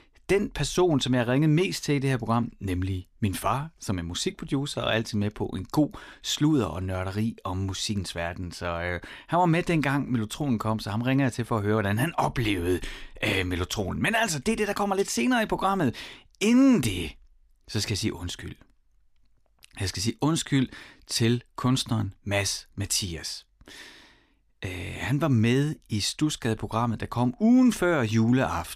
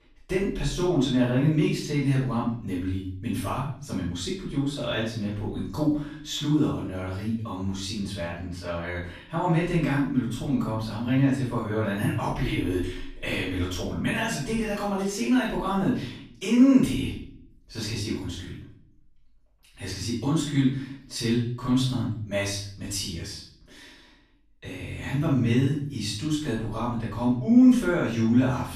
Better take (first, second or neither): first